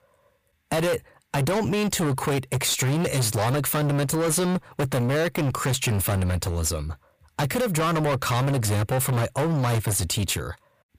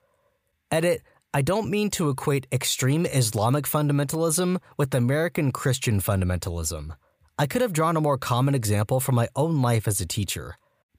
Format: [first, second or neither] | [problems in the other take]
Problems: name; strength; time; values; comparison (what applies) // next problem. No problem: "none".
second | distortion; heavy; 29% of the sound clipped